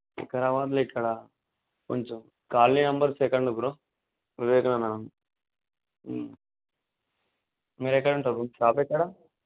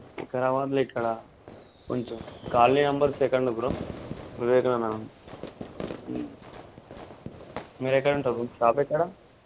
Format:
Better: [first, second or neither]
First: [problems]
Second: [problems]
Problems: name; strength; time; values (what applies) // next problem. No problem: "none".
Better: first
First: none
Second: background sound (Fireworks); 14 dB below the speech